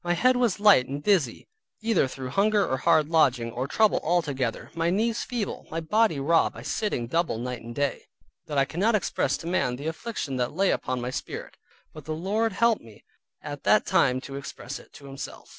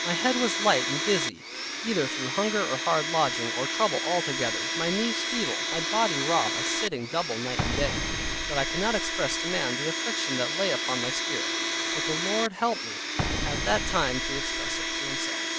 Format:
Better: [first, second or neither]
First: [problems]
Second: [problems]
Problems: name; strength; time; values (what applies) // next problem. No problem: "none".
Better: first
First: none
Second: background sound (Explosion + Domestic sounds, home sounds); as loud as the speech